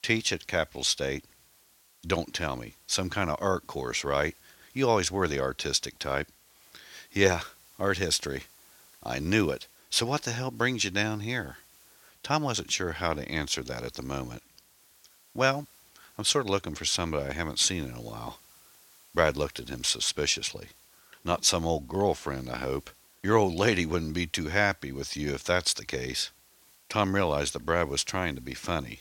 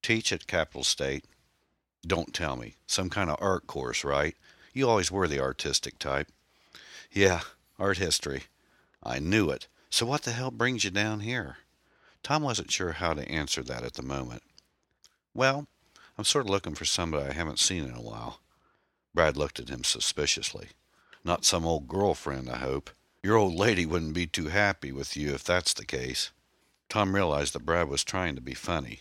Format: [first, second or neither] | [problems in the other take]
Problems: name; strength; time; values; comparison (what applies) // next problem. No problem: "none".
second | hiss; faint; throughout; 30 dB below the speech